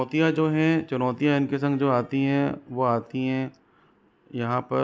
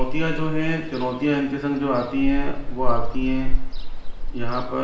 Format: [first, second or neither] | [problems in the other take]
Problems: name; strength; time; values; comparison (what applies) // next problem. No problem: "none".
first | background sound (Ocean); 4 dB above the speech // room echo; dies away in 0.7 s